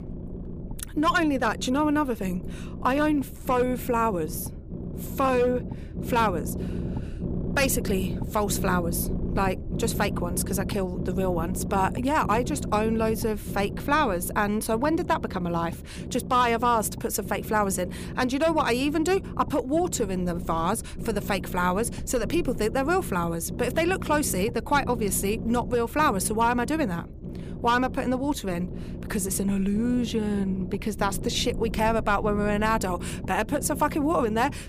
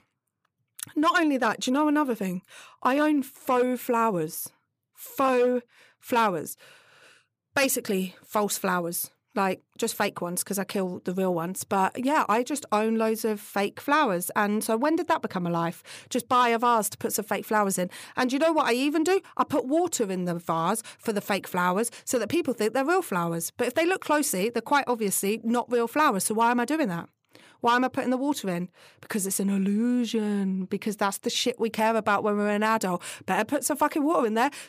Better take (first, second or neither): second